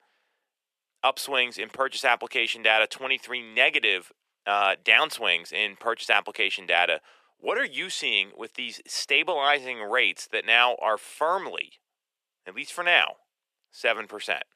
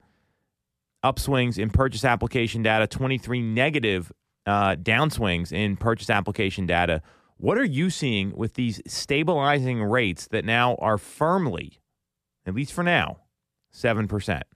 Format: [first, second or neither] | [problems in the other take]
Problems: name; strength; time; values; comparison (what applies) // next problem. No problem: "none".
second | thin; very; fading below 500 Hz